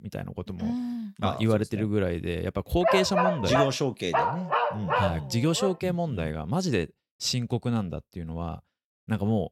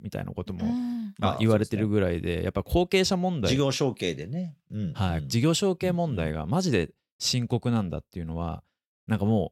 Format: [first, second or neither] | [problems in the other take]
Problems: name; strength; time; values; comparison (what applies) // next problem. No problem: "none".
second | dog barking; loud; from 3 to 5.5 s; peak 5 dB above the speech